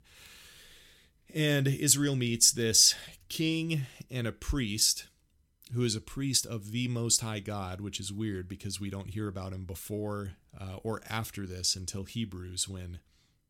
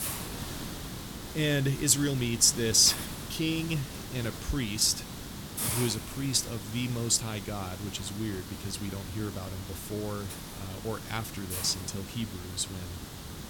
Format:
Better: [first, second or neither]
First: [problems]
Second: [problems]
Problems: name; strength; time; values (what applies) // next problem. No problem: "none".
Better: first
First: none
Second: hiss; loud; throughout; 9 dB below the speech